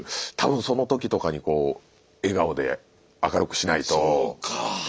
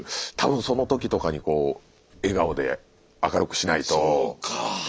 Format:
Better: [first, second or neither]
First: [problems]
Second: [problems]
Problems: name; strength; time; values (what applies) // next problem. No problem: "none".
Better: first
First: none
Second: background sound (Livestock, farm animals, working animals); 19 dB below the speech